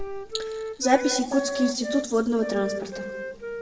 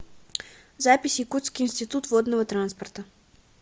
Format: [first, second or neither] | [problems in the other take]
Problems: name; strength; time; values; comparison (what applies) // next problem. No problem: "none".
second | background sound (Wind instrument, woodwind instrument); 7 dB below the speech // room echo; dies away in 1.5 s